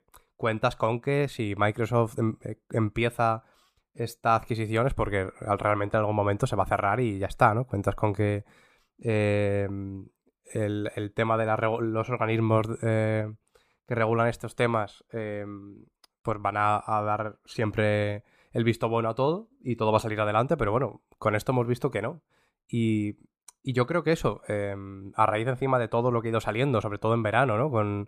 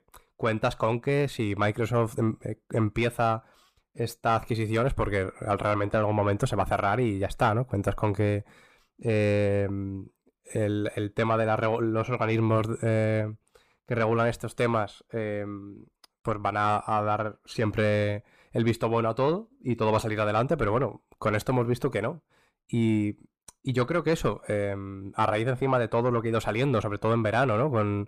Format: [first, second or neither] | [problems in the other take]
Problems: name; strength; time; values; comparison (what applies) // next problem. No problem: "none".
first | distortion; slight; 10 dB below the speech